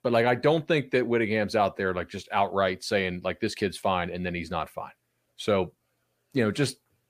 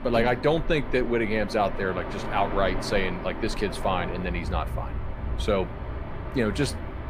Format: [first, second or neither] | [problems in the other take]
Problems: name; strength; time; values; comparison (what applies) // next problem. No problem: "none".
first | train or aircraft noise; loud; throughout; 7 dB below the speech